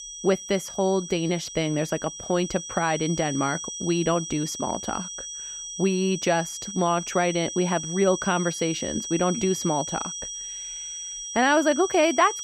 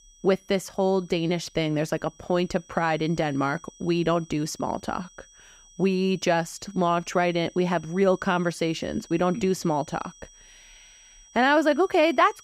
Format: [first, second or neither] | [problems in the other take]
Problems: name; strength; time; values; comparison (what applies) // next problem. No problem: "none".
second | high-pitched whine; loud; throughout; 6 kHz, 8 dB below the speech; faint in the second